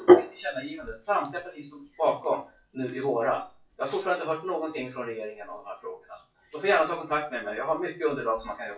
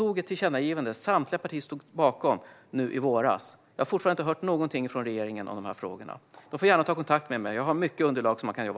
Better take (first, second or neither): second